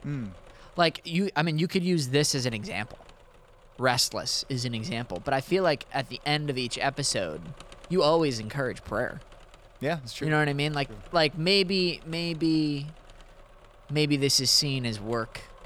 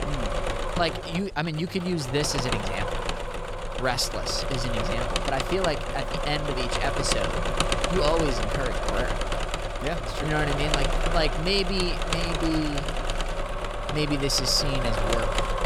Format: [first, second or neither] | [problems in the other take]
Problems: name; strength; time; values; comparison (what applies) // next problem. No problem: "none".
first | machinery noise; loud; throughout; 1 dB below the speech; faint in the first